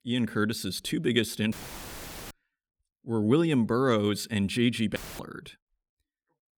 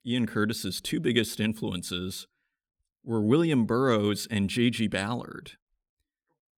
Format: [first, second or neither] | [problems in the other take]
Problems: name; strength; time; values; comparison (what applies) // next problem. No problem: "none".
second | audio cutting out; filled with static; at 1.5 s for 1 s and at 5 s